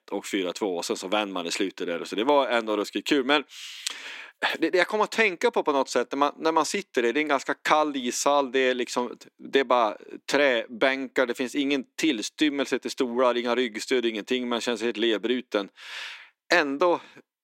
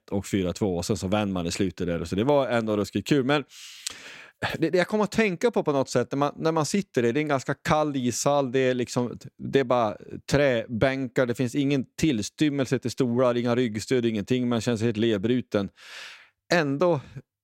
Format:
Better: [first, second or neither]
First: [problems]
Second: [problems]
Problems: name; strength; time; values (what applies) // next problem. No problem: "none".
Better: second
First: thin; very slightly; fading below 300 Hz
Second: none